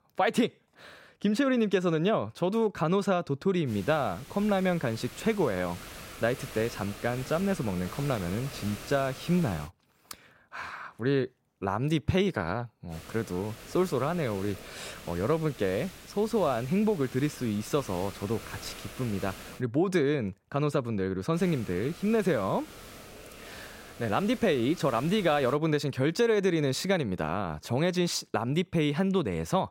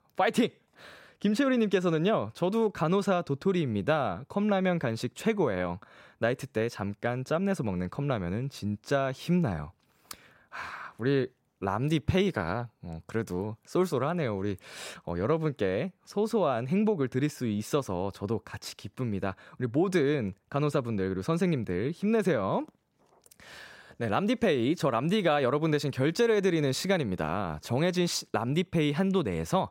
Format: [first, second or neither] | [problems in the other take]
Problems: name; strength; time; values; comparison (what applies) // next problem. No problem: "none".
second | hiss; noticeable; from 3.5 to 9.5 s, from 13 to 20 s and from 21 to 26 s; 15 dB below the speech